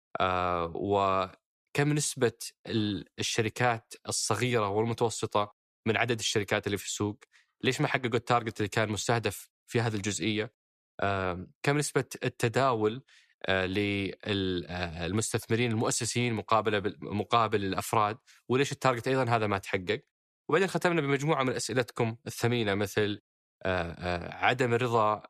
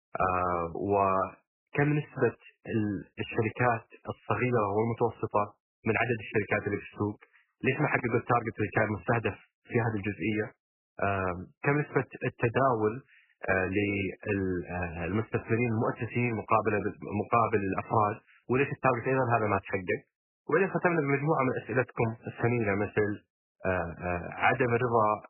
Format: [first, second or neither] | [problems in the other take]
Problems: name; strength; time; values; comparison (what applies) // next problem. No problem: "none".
first | garbled, watery; badly; nothing above 2.5 kHz